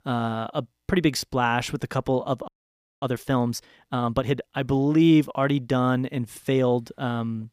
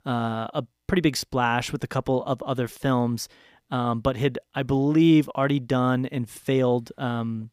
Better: second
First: audio freezing; at 2.5 s for 0.5 s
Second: none

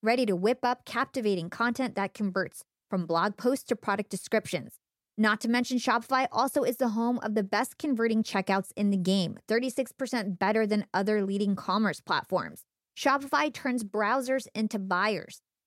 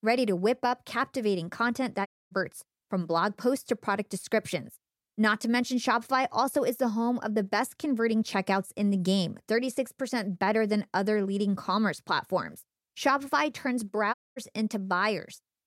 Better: first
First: none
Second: audio cutting out; at 2 s and at 14 s

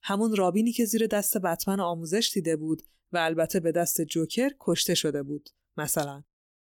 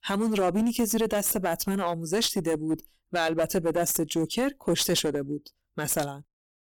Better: first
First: none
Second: distortion; slight; 8% of the sound clipped

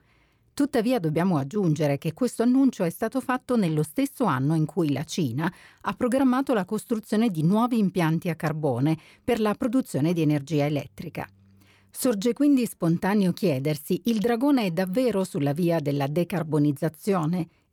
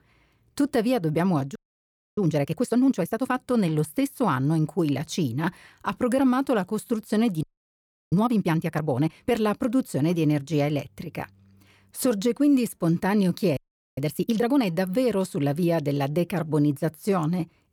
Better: first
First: none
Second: audio freezing; at 1.5 s for 0.5 s, at 7.5 s for 0.5 s and at 14 s

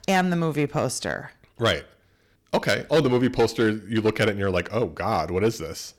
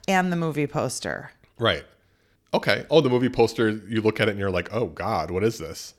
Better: second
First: distortion; slight; 4% of the sound clipped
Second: none

